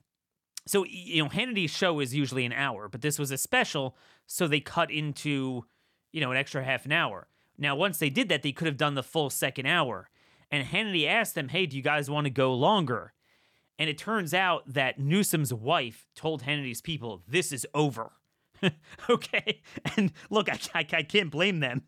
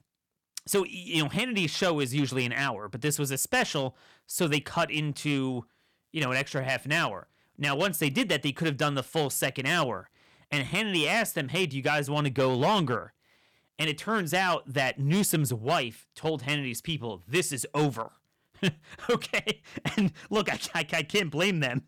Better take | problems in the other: first | distortion; slight; 4% of the sound clipped

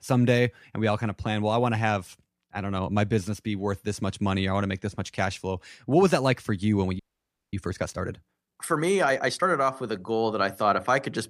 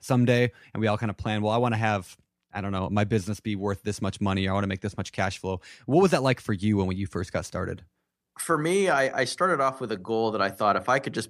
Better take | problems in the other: second | audio freezing; at 7 s for 0.5 s

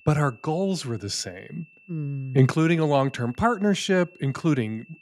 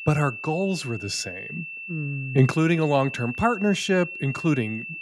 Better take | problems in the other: first | high-pitched whine; loud; throughout; 2.5 kHz, 10 dB below the speech; faint in the first

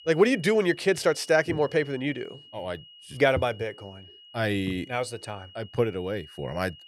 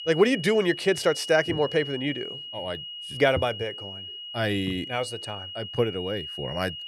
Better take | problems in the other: first | high-pitched whine; loud; throughout; 3 kHz, 9 dB below the speech; faint in the first

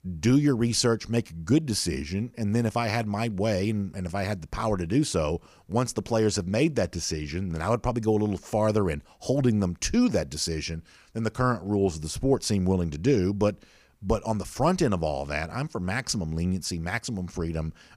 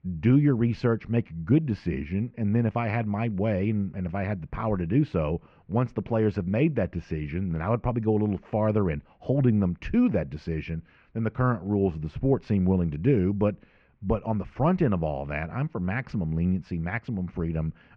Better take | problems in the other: first | muffled; very; fading above 2.5 kHz

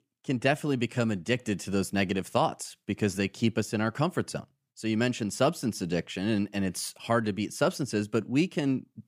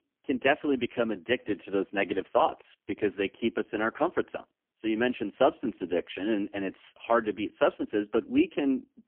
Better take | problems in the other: first | phone-call audio; poor line; nothing above 3 kHz

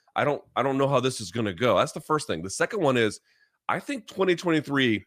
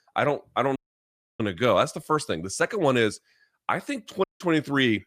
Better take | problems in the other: first | audio cutting out; at 1 s for 0.5 s and at 4 s

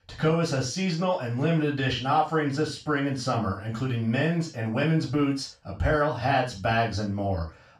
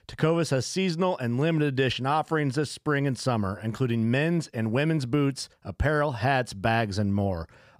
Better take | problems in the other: second | room echo; noticeable; dies away in 0.3 s // off-mic speech; far

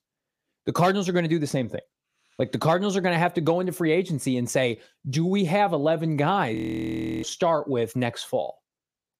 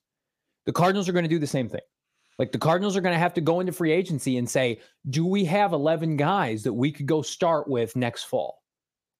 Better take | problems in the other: second | audio freezing; at 6.5 s for 0.5 s

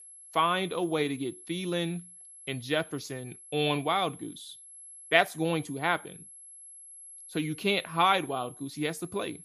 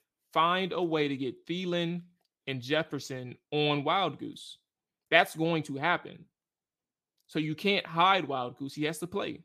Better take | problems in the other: second | high-pitched whine; noticeable; throughout; 11 kHz, 15 dB below the speech

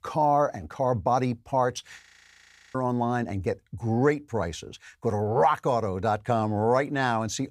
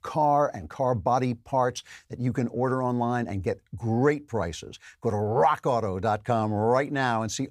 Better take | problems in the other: second | audio freezing; at 2 s for 0.5 s

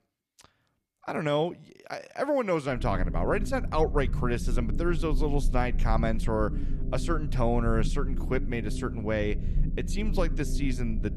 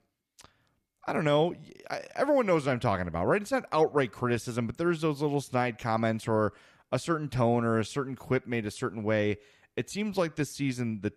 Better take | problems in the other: second | low rumble; noticeable; from 3 s on; 15 dB below the speech

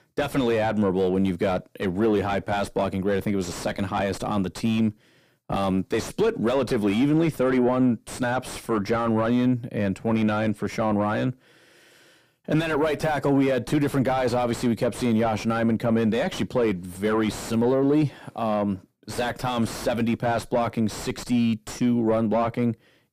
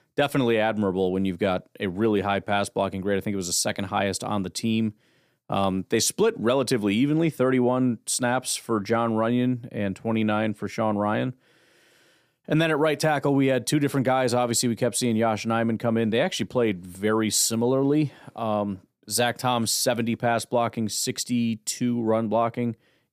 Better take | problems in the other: second | distortion; heavy; 7 dB below the speech

